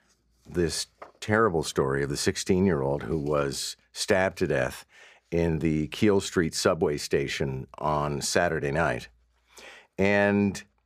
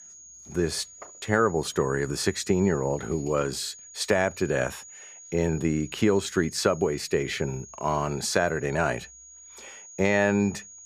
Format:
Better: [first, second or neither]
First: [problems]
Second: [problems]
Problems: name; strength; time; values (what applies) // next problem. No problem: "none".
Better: first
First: none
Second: high-pitched whine; noticeable; throughout; 6.5 kHz, 20 dB below the speech